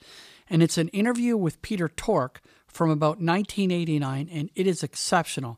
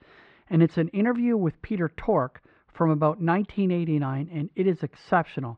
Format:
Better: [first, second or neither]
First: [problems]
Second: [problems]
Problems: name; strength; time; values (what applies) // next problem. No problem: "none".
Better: first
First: none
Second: muffled; very; fading above 2 kHz